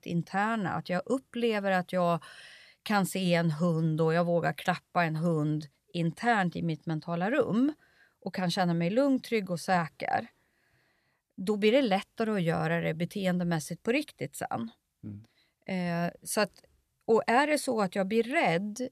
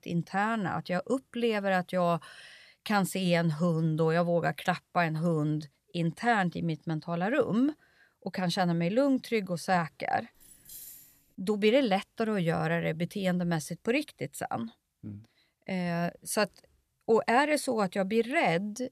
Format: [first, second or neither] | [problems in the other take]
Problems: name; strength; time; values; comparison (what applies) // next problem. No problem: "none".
first | jangling keys; faint; at 10 s; peak 15 dB below the speech